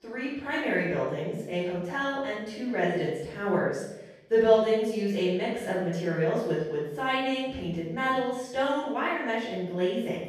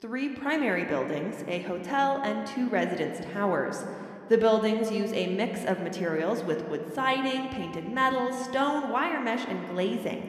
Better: second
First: room echo; strong; dies away in 0.8 s // off-mic speech; far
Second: room echo; slight; dies away in 2.1 s

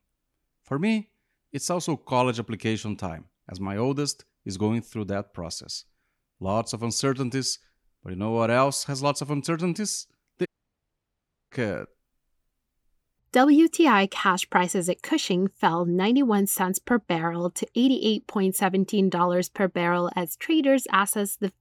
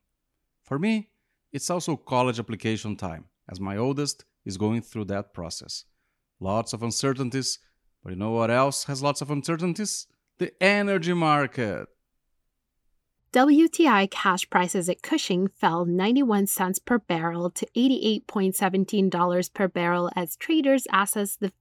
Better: second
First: audio cutting out; at 10 s for 1 s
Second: none

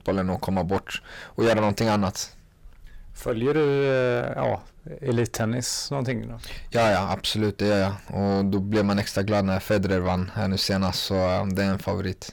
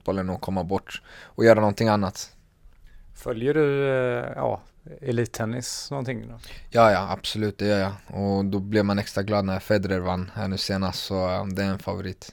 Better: second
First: distortion; heavy; 7 dB below the speech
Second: none

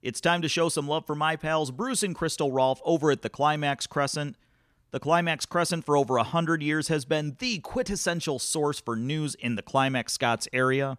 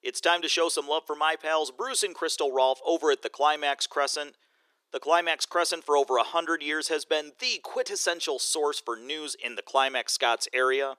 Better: first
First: none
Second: thin; very; fading below 350 Hz

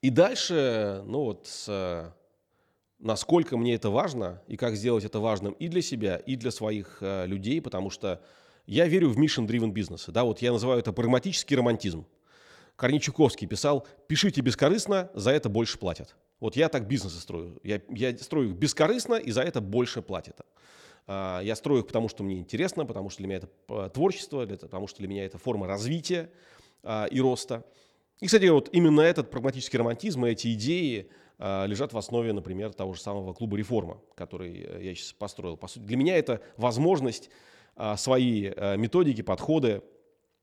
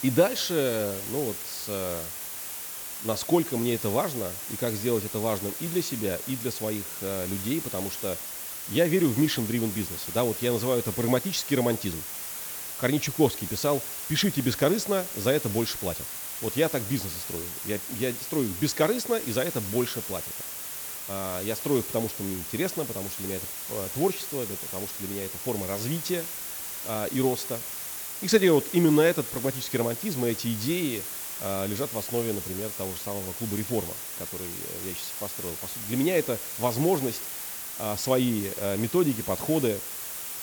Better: first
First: none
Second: hiss; loud; throughout; 5 dB below the speech

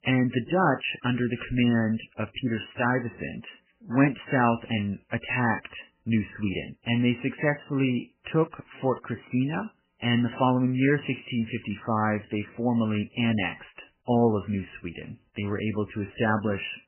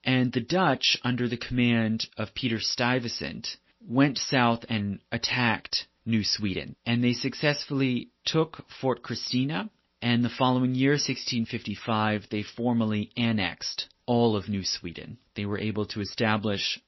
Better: second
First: garbled, watery; badly; nothing above 3 kHz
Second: garbled, watery; slightly; nothing above 5.5 kHz

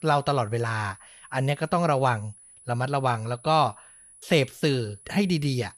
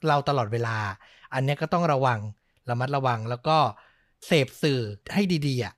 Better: second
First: high-pitched whine; faint; throughout; 10.5 kHz, 25 dB below the speech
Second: none

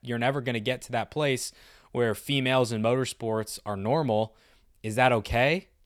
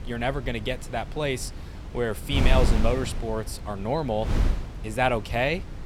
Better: first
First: none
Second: wind noise on the microphone; occasional gusts; 10 dB below the speech

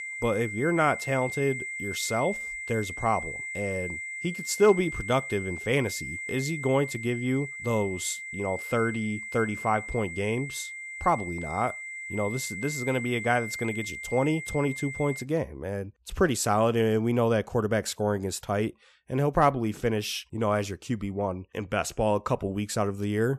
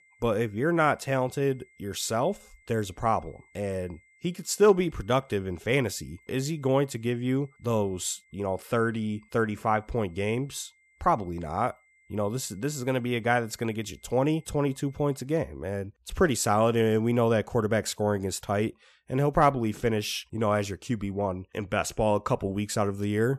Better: second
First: high-pitched whine; loud; until 15 s; 2 kHz, 7 dB below the speech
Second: high-pitched whine; faint; until 15 s; 2 kHz, 35 dB below the speech

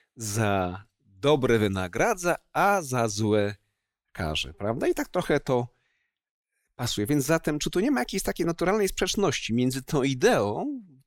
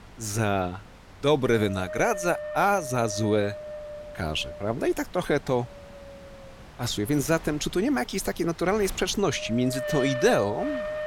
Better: first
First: none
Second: wind noise on the microphone; heavy; 8 dB below the speech

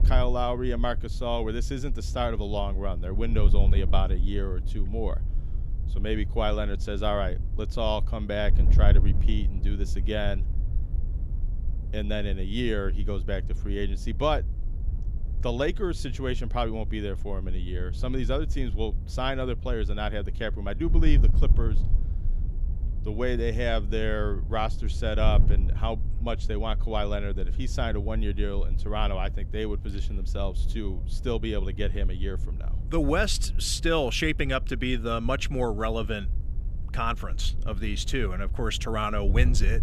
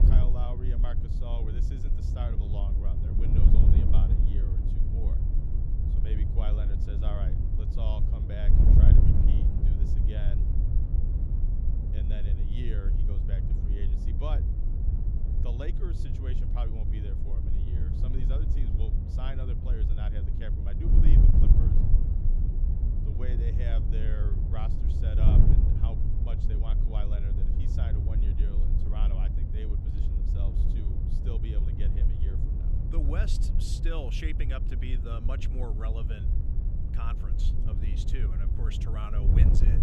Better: first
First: wind noise on the microphone; occasional gusts; 15 dB below the speech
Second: wind noise on the microphone; heavy; 1 dB above the speech

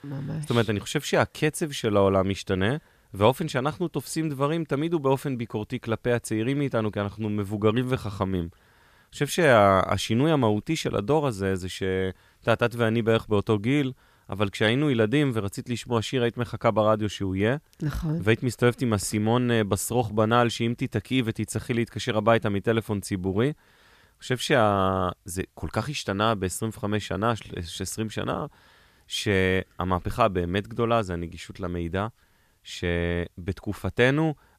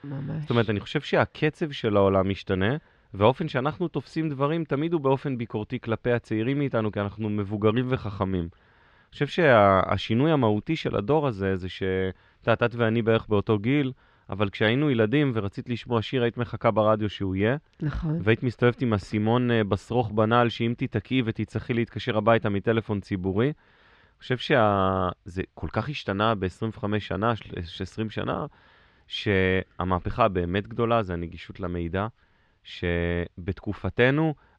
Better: first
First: none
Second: muffled; slightly; fading above 3.5 kHz

